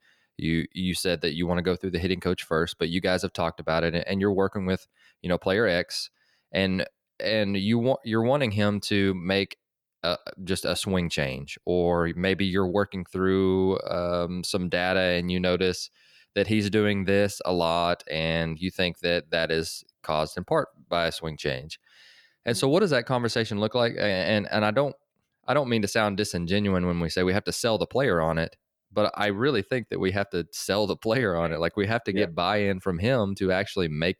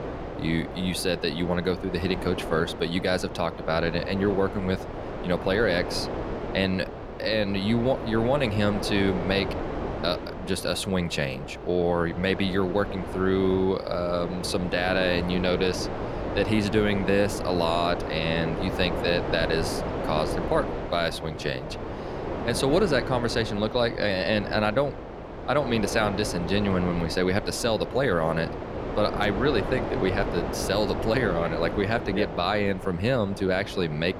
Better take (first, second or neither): first